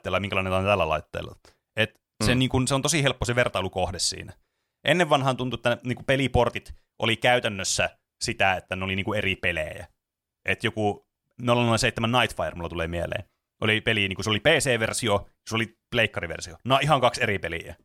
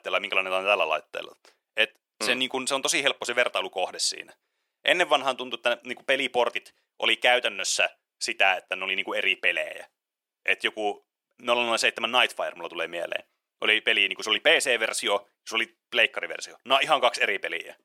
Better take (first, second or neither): first